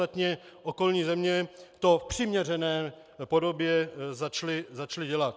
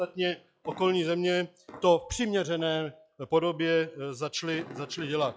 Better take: first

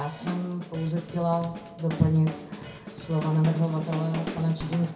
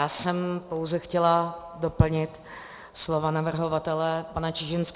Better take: second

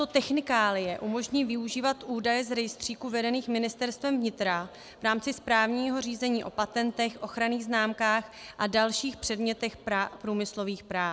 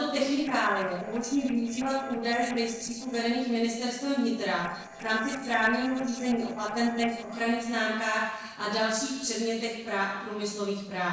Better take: first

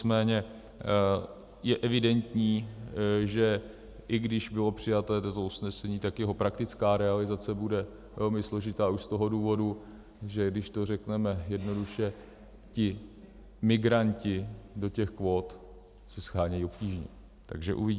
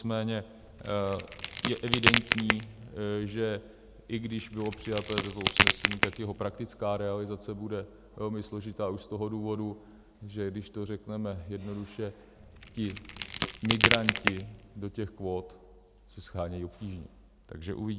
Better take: first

